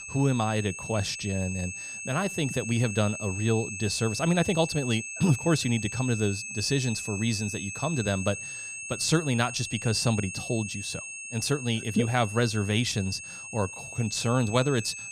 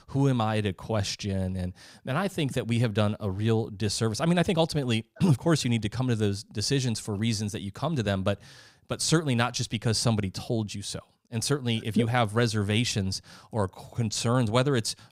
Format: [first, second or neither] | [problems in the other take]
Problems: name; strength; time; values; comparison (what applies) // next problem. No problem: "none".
second | high-pitched whine; loud; throughout; 2.5 kHz, 8 dB below the speech